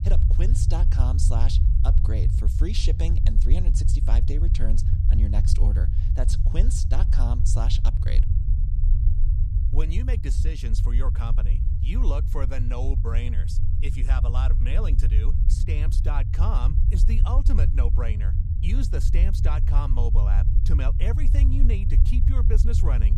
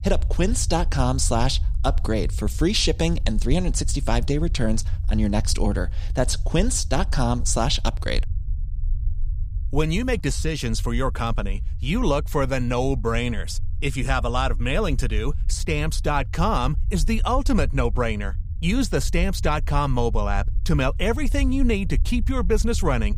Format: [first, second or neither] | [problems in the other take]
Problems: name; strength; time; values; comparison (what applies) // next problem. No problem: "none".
second | low rumble; loud; throughout; 4 dB below the speech; faint in the second